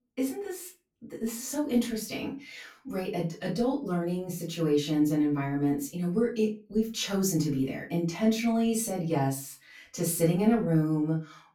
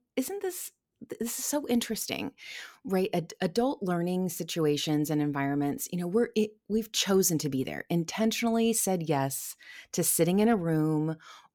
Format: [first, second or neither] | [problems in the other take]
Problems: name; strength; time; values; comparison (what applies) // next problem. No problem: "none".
second | room echo; slight; dies away in 0.3 s // off-mic speech; far